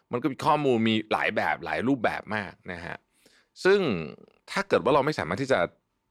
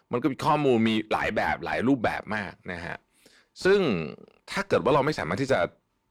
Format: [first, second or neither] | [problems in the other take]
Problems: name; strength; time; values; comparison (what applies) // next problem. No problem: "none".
first | distortion; slight; 10 dB below the speech